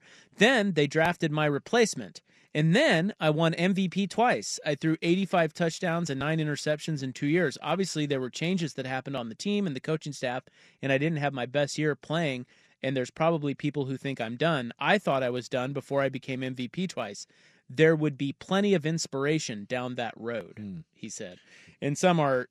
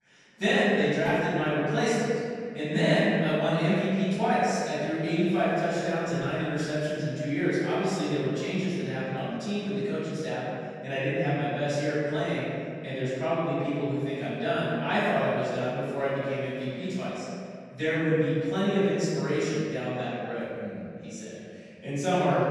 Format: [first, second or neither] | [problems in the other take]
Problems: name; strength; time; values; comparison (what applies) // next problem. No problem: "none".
first | off-mic speech; far // room echo; strong; dies away in 2.1 s